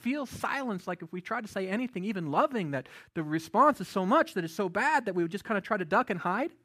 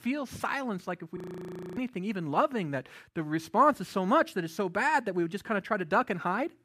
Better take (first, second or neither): first